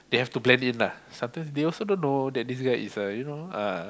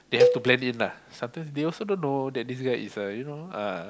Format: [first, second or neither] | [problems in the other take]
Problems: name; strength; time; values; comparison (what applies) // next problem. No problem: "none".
first | background sound (Cowbell); 2 dB above the speech